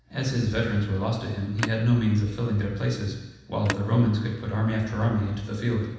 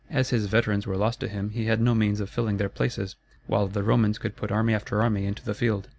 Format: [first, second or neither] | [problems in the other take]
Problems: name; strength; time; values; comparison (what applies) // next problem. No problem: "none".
second | background sound (Telephone); 13 dB below the speech // room echo; dies away in 1.1 s